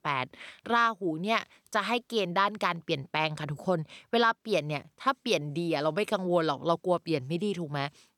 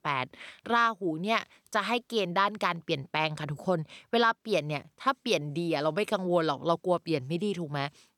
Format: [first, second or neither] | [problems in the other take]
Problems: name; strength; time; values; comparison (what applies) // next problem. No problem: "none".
neither | none